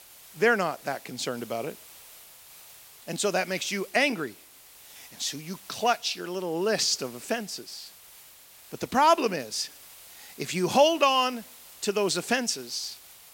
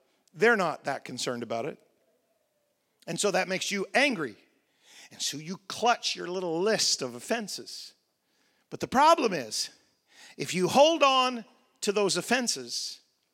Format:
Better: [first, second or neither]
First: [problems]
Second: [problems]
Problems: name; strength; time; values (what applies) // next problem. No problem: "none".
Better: second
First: hiss; faint; throughout; 20 dB below the speech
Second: none